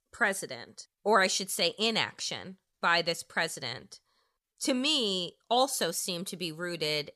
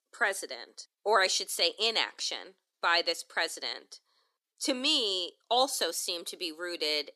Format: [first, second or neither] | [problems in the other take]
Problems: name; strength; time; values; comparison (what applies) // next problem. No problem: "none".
first | thin; very slightly; fading below 300 Hz